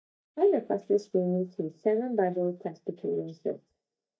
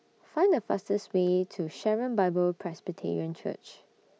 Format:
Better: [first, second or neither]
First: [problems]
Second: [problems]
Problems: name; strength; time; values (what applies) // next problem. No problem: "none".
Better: second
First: noise reduction (neural mask model DeepFilterNet 3)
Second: none